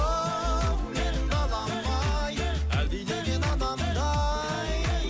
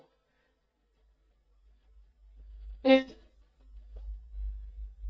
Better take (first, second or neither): first